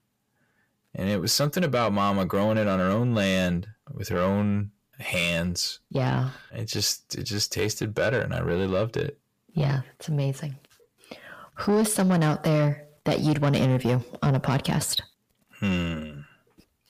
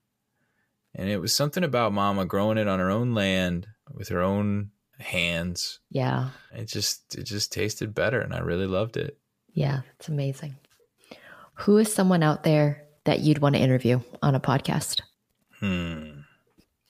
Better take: second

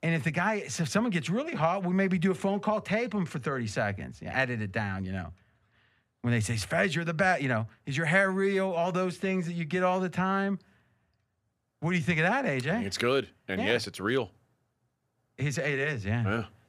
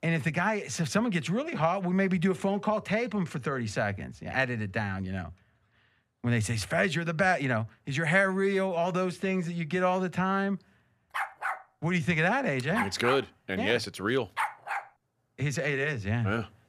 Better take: first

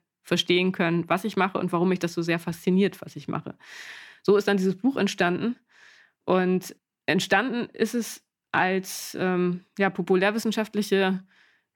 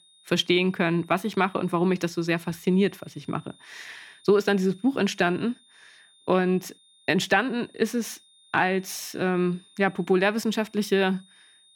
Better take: first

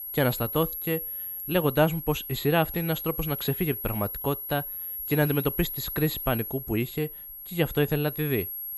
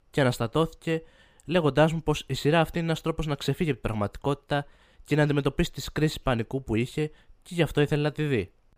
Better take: second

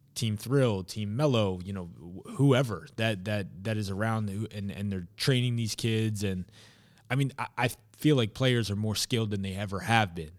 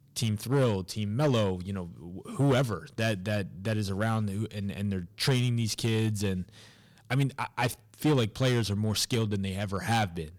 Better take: first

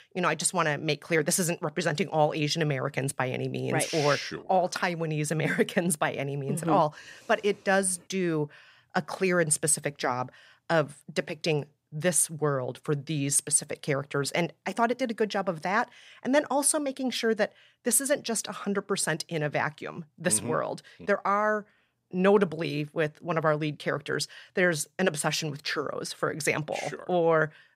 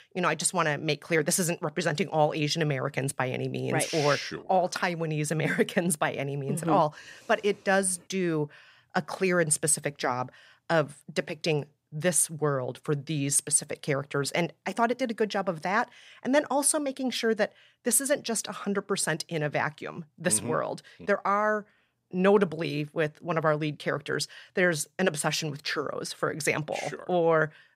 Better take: neither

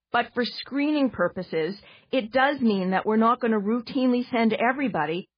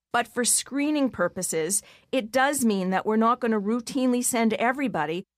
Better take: second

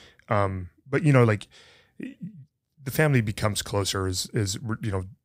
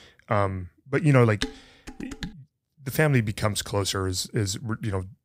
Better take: first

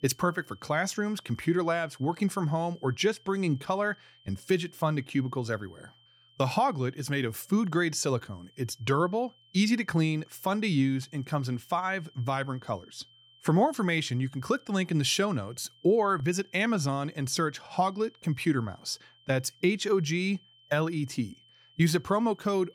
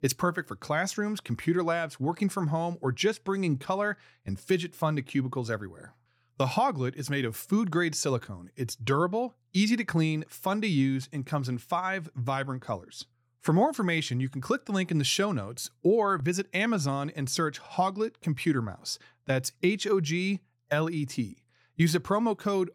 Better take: second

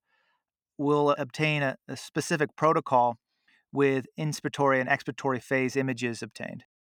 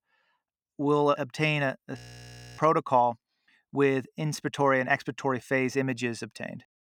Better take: first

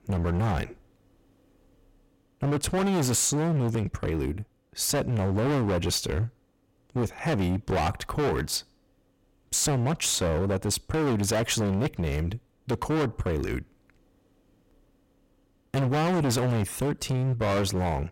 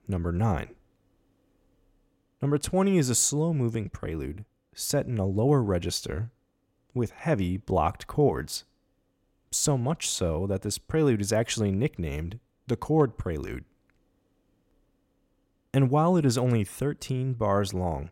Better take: second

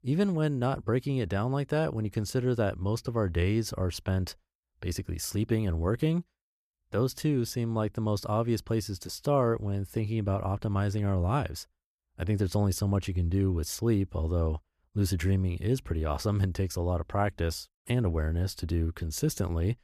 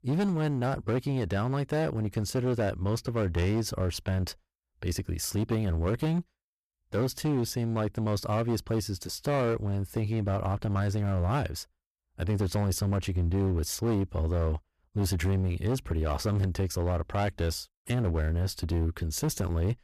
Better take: first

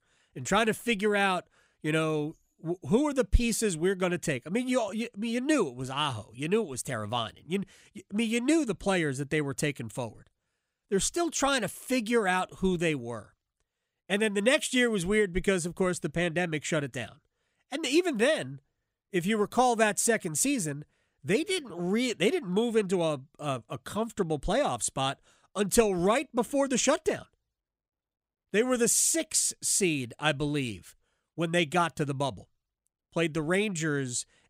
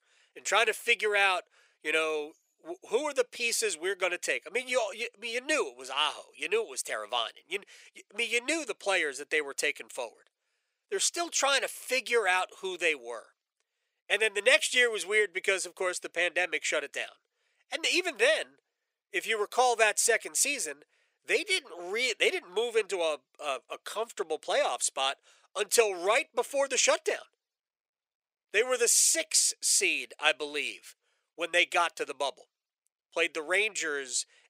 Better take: first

